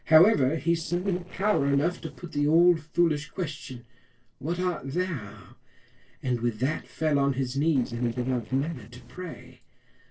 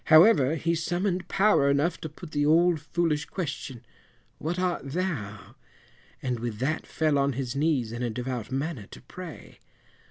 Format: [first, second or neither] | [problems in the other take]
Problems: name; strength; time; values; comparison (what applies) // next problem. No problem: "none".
second | noise reduction (neural separator model SepFormer DNS4)